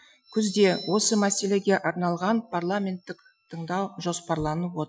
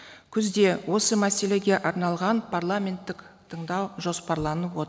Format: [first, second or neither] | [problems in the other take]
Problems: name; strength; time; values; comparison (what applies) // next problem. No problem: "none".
second | noise reduction (classical method Wiener filter)